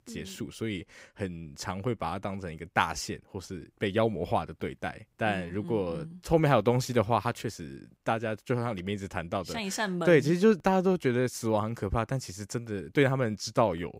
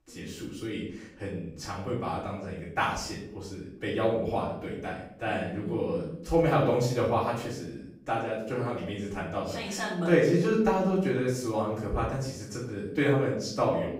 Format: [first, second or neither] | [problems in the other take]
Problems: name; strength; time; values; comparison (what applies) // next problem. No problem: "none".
first | off-mic speech; far // room echo; noticeable; dies away in 0.6 s